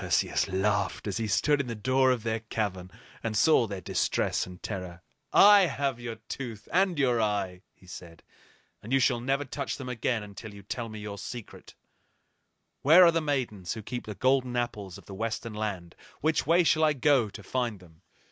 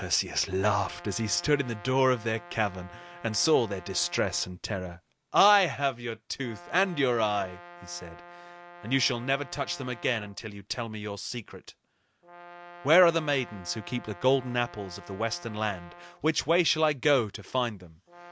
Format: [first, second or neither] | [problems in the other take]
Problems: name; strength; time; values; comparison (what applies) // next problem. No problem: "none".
first | background sound (Brass instrument); 20 dB below the speech